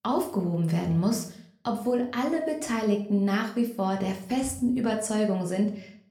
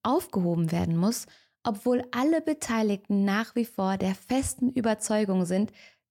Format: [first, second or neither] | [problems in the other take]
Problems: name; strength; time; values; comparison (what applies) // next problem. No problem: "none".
second | room echo; slight; dies away in 0.4 s // off-mic speech; somewhat distant